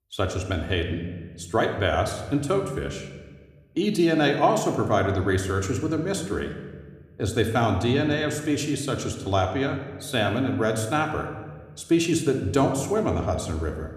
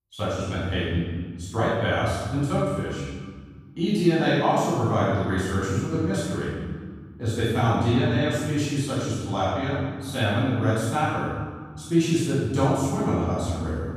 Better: first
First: room echo; slight; dies away in 1.1 s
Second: room echo; strong; dies away in 1.7 s // off-mic speech; far

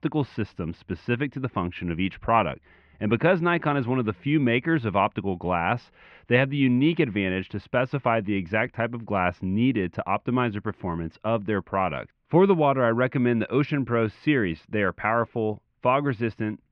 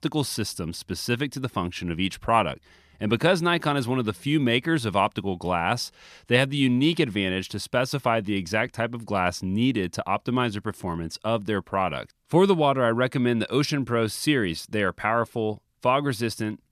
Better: second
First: muffled; very; fading above 2.5 kHz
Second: none

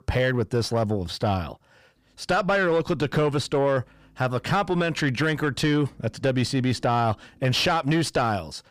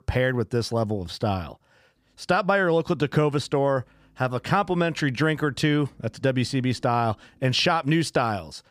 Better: second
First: distortion; slight; 9 dB below the speech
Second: none

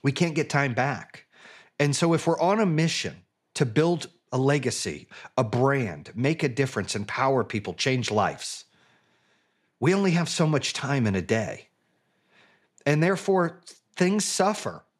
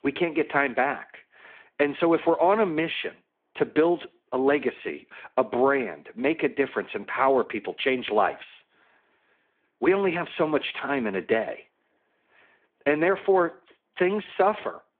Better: first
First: none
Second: phone-call audio

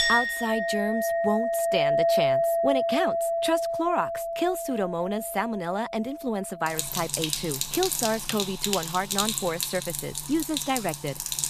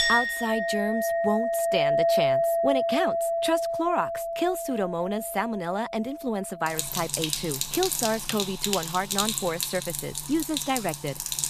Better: neither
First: household noises; very loud; throughout; 2 dB above the speech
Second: household noises; very loud; throughout; 2 dB above the speech

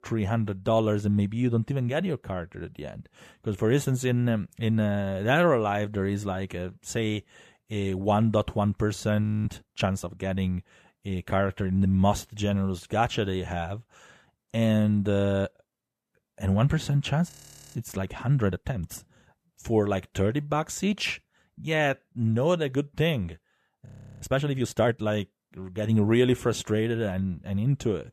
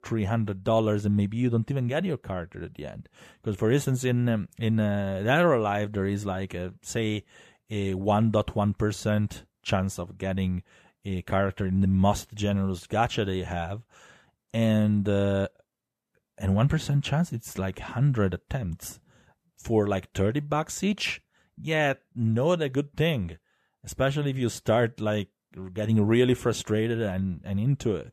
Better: second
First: audio freezing; at 9 s, at 17 s and at 24 s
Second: none

